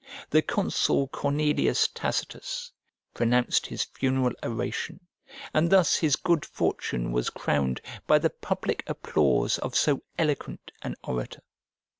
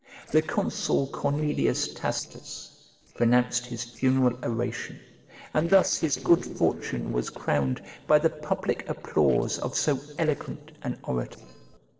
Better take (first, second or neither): first